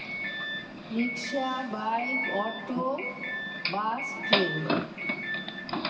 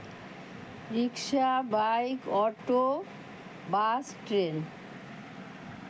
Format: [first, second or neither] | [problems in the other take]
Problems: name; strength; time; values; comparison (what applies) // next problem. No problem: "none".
second | background sound (Doorbell); as loud as the speech // room echo; dies away in 2.6 s